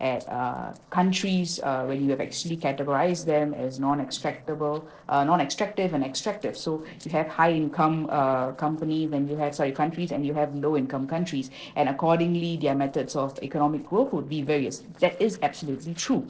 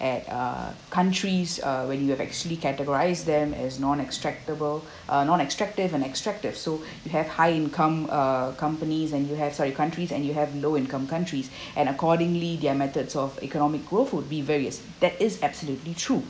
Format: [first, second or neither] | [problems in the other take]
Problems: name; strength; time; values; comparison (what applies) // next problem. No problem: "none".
second | noise reduction (neural separator model SepFormer DNS4)